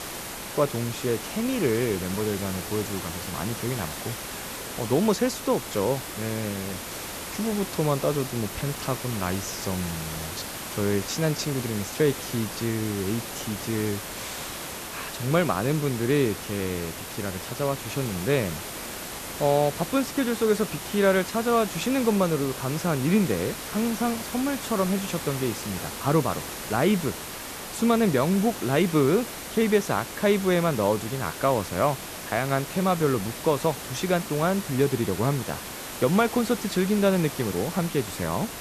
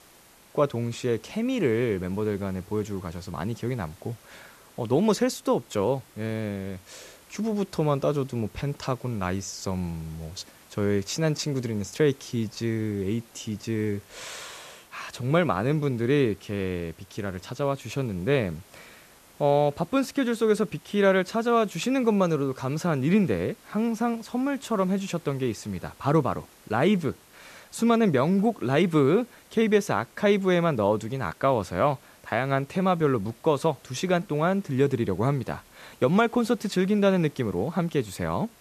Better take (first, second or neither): second